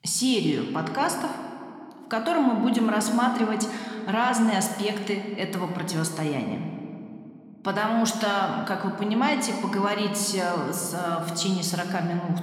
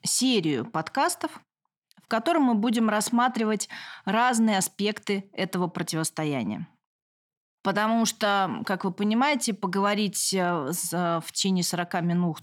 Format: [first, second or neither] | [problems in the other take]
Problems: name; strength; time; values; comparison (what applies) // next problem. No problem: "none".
second | room echo; slight; dies away in 1.8 s